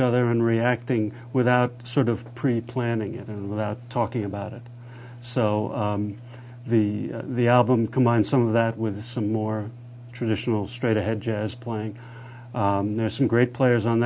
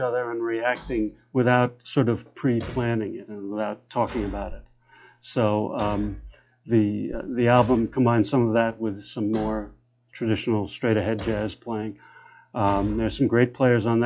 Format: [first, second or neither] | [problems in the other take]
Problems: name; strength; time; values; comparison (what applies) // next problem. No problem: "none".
first | noise reduction (classical method log-MMSE)